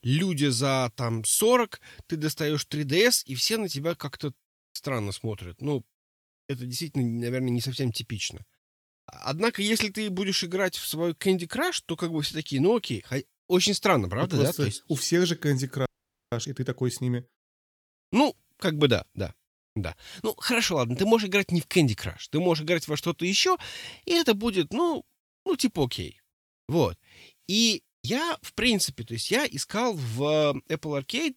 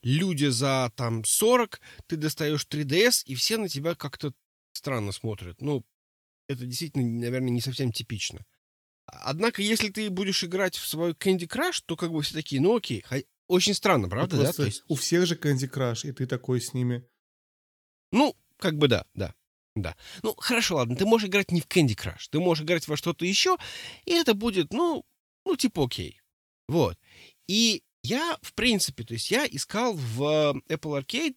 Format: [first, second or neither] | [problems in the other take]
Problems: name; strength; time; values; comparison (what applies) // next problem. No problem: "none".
second | audio freezing; at 16 s